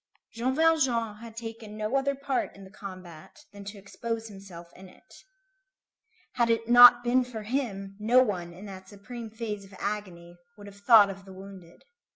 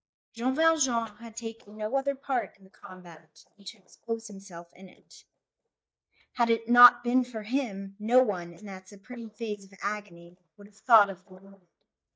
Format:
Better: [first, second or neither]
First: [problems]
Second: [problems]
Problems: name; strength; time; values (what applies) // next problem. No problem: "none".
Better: first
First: none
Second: noise reduction (neural mask model DeepFilterNet 3)